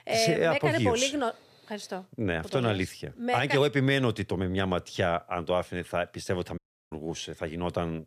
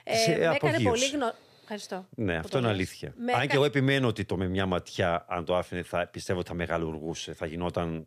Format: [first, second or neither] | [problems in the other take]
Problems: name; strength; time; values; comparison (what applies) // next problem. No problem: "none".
second | audio cutting out; at 6.5 s